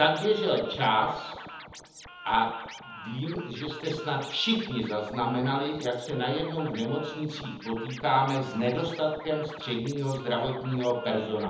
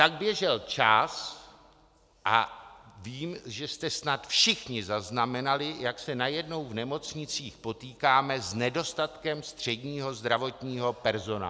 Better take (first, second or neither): second